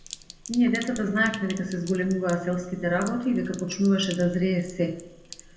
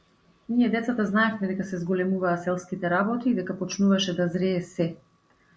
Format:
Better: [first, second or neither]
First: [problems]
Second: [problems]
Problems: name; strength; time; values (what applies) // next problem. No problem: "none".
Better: second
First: background sound (Sink (filling or washing)); 18 dB below the speech // room echo; dies away in 0.8 s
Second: none